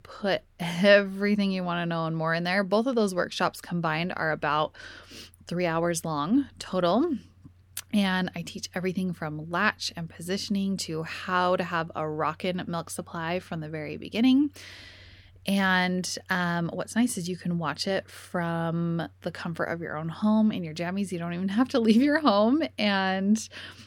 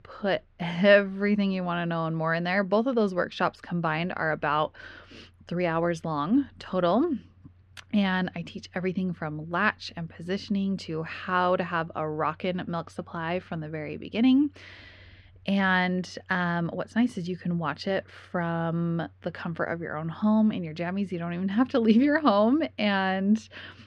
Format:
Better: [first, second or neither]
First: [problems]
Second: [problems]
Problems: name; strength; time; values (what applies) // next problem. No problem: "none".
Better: first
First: none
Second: muffled; slightly; fading above 3 kHz